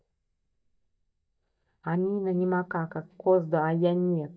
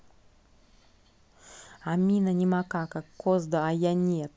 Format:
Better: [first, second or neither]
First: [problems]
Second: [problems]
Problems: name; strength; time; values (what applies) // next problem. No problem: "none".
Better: second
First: noise reduction (neural mask model DeepFilterNet 3)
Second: none